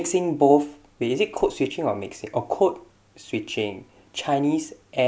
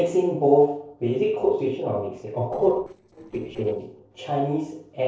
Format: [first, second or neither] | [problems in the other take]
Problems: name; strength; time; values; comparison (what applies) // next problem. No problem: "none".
first | noise reduction (neural separator model SepFormer DNS4)